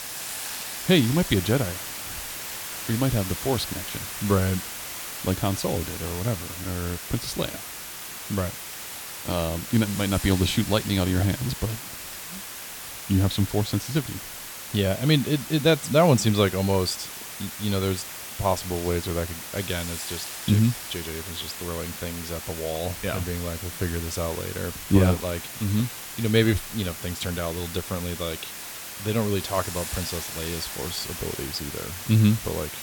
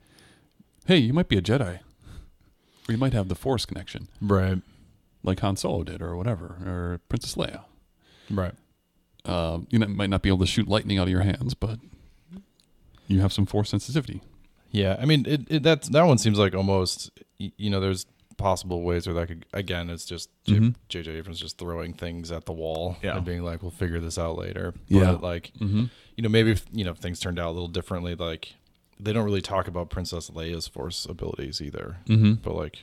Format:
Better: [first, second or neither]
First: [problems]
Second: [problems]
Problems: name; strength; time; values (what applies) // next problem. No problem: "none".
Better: second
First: hiss; loud; throughout; 7 dB below the speech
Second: none